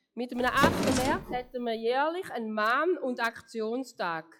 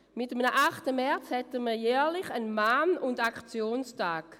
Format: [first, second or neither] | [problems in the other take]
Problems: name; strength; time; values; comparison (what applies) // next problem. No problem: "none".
second | noise reduction (classical method log-MMSE)